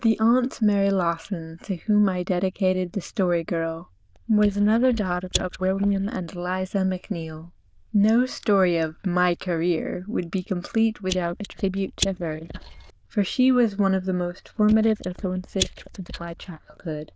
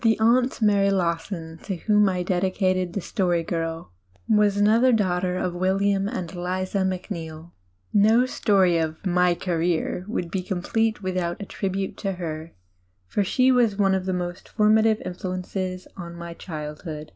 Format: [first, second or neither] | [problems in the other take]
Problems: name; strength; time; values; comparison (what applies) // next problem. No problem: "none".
second | noise reduction (neural diffusion model UNIVERSE++)